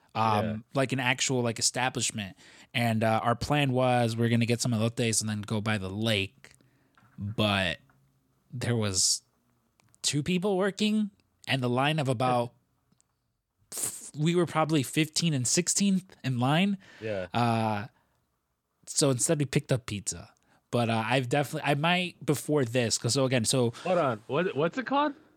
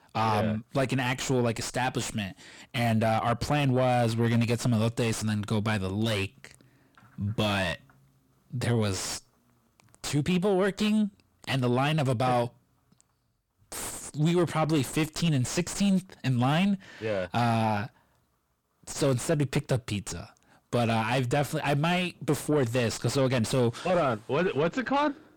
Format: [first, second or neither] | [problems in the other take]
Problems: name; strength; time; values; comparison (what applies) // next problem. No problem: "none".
first | distortion; heavy; 7 dB below the speech